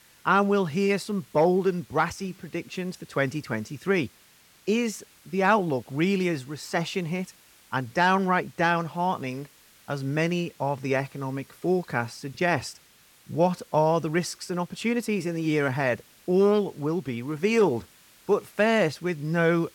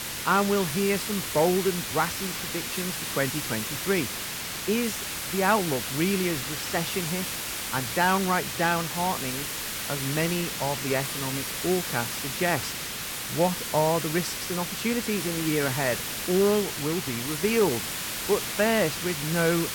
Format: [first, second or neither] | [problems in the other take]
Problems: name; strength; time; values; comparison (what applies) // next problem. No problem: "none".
first | hiss; loud; throughout; 3 dB below the speech; faint in the first